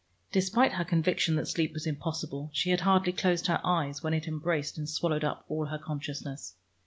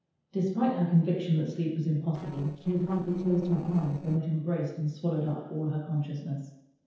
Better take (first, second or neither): first